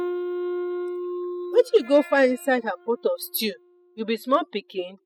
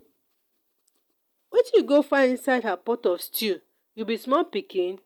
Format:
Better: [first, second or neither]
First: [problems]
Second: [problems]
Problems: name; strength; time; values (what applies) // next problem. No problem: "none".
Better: second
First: noise reduction (classical method spectral subtraction)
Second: none